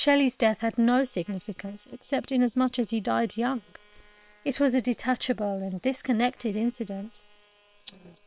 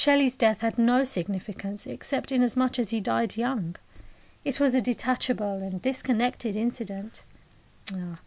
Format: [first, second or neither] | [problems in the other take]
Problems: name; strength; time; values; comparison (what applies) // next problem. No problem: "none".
second | noise reduction (neural separator model SepFormer WHAM!)